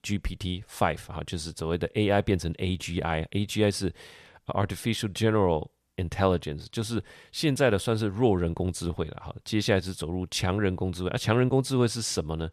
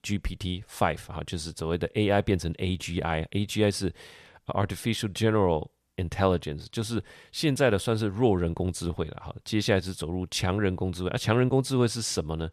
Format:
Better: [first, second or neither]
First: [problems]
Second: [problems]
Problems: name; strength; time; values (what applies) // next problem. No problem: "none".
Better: neither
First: none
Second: none